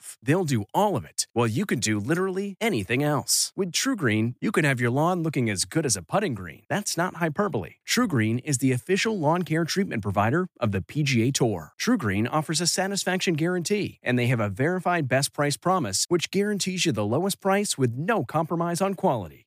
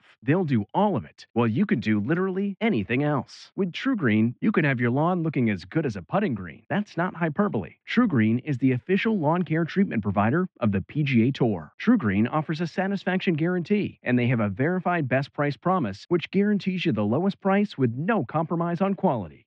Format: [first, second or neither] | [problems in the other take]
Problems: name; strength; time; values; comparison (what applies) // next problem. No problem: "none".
first | muffled; very; fading above 3 kHz